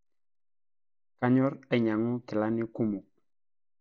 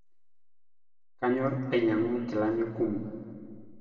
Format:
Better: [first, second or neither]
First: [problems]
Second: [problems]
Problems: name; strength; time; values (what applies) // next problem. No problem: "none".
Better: first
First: none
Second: room echo; dies away in 1.8 s